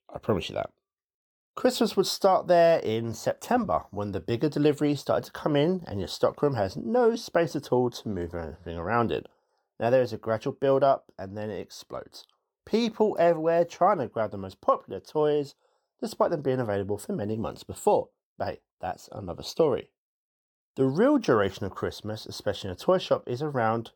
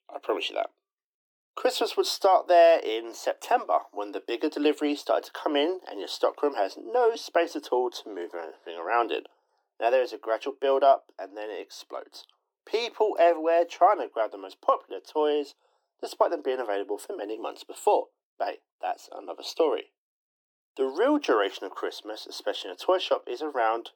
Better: first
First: none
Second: thin; somewhat; fading below 300 Hz

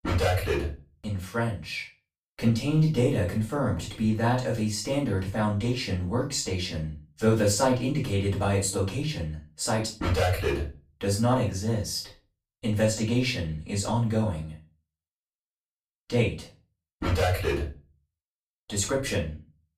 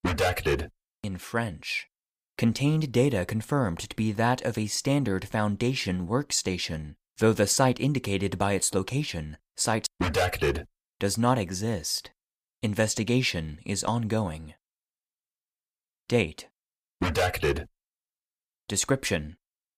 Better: second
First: off-mic speech; far // room echo; slight; dies away in 0.3 s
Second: none

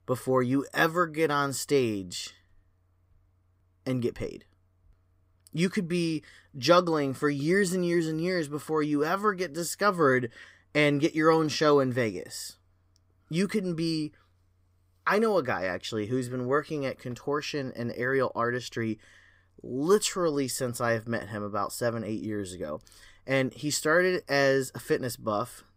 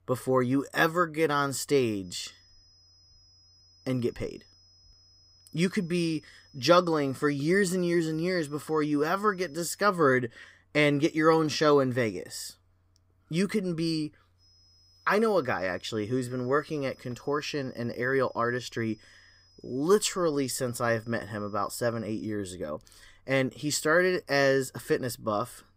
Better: first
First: none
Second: high-pitched whine; faint; from 2 to 10 s and from 14 to 22 s; 5 kHz, 30 dB below the speech

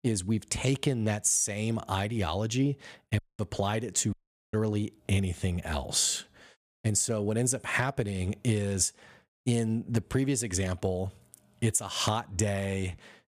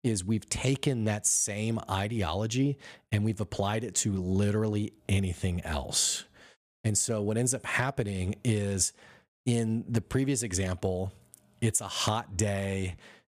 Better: second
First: audio cutting out; at 3 s and at 4 s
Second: none

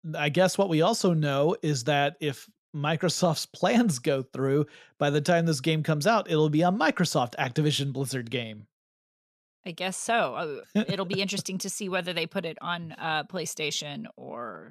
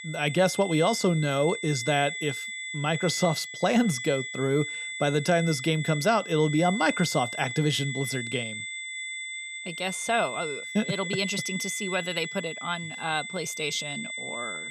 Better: first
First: none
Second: high-pitched whine; loud; throughout; 2 kHz, 7 dB below the speech

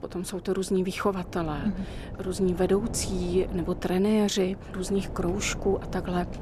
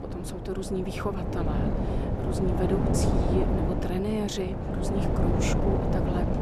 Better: first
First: wind noise on the microphone; occasional gusts; 15 dB below the speech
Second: wind noise on the microphone; heavy; 2 dB above the speech

